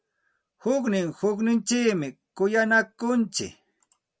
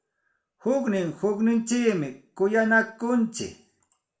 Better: first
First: none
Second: room echo; dies away in 0.4 s

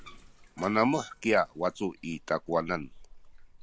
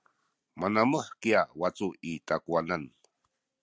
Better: second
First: background sound (Bathtub (filling or washing) + Wind instrument, woodwind instrument); 19 dB below the speech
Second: none

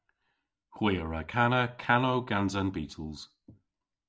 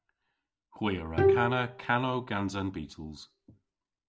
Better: first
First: none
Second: background sound (Bowed string instrument); 1 dB above the speech

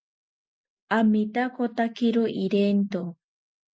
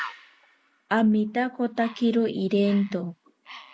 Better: first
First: none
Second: background sound (Bird); 19 dB below the speech

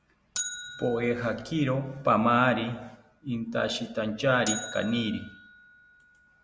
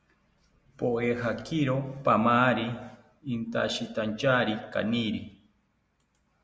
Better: second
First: background sound (Bell); 13 dB below the speech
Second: none

